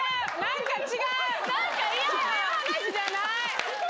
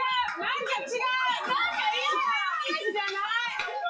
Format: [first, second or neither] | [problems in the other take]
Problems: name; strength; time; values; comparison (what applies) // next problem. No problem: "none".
first | noise reduction (classical method WPE with log-MMSE)